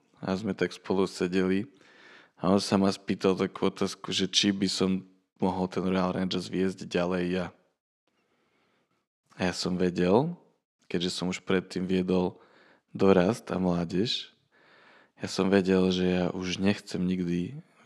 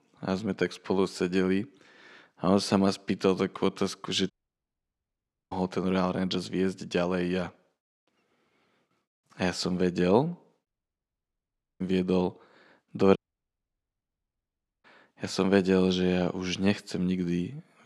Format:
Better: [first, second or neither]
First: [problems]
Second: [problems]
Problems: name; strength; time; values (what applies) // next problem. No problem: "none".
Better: first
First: none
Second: audio cutting out; at 4.5 s for 1 s, at 11 s for 1 s and at 13 s for 1.5 s